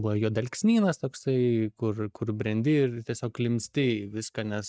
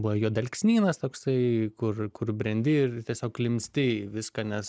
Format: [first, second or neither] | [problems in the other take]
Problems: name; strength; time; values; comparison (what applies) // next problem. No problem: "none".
second | noise reduction (neural mask model DeepFilterNet 3)